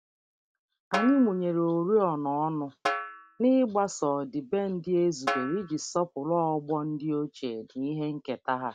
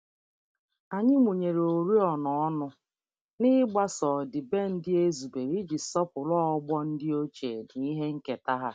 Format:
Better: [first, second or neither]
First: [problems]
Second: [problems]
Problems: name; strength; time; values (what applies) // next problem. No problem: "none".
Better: second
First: background sound (Snare drum); 9 dB below the speech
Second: none